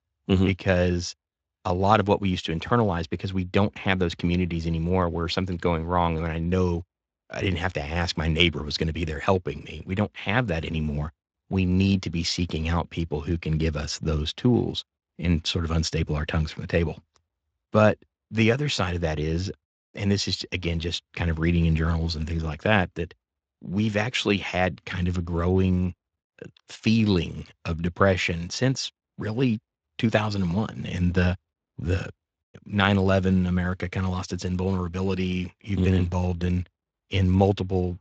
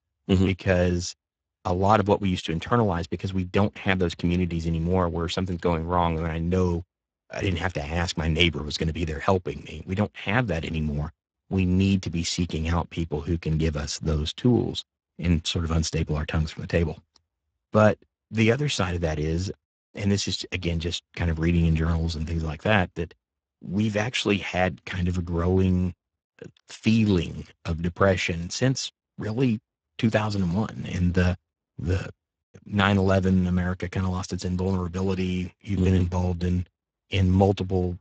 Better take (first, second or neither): first